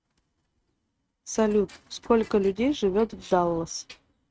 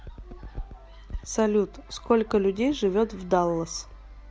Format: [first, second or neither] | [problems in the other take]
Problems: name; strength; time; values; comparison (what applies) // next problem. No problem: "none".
second | noise reduction (neural mask model RNNoise)